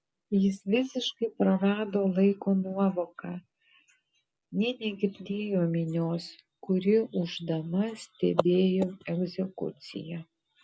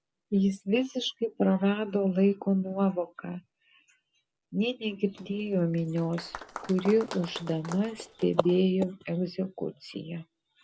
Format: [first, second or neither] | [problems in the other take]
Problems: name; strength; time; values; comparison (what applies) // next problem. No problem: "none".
first | background sound (Applause); 15 dB below the speech